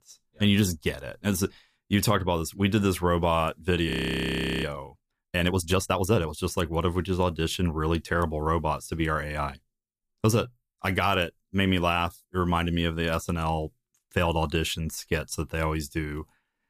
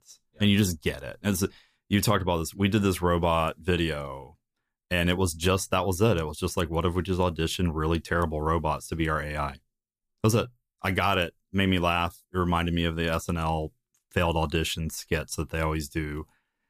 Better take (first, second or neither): second